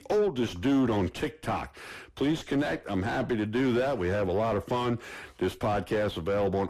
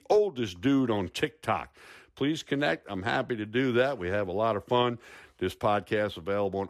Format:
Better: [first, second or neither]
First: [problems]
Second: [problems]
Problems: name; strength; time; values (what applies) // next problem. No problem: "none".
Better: second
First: distortion; heavy; 5 dB below the speech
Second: none